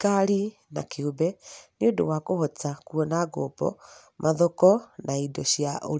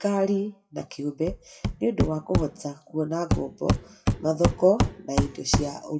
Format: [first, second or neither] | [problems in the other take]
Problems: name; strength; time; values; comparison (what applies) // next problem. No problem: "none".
first | noise reduction (classical method WPE with log-MMSE)